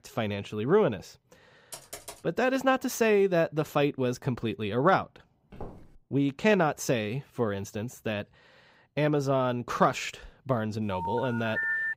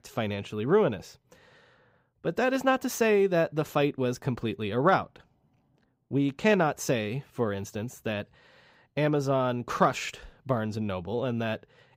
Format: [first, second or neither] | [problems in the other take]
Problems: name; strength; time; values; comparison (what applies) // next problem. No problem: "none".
second | keyboard typing; faint; at 1.5 s; peak 15 dB below the speech // footsteps; faint; at 5.5 s; peak 15 dB below the speech // phone ringing; loud; from 11 s on; peak level with the speech